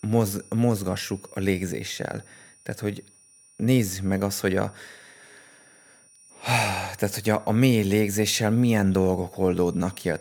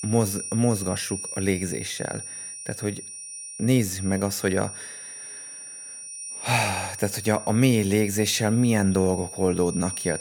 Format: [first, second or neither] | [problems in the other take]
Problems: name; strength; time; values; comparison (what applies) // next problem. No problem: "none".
first | high-pitched whine; loud; throughout; 9.5 kHz, 10 dB below the speech; faint in the first